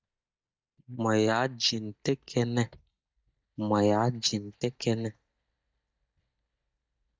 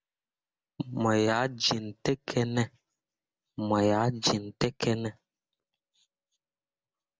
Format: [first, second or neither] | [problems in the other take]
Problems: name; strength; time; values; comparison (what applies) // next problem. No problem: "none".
second | noise reduction (neural mask model DeepFilterNet 3)